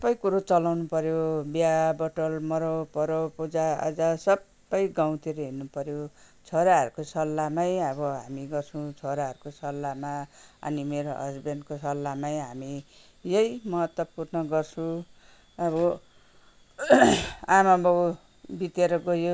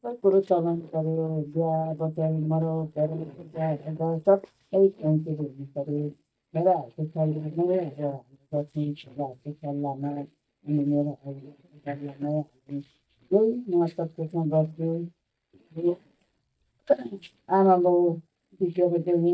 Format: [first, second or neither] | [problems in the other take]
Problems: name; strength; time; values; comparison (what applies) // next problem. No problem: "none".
first | noise reduction (neural mask model DeepFilterNet 3)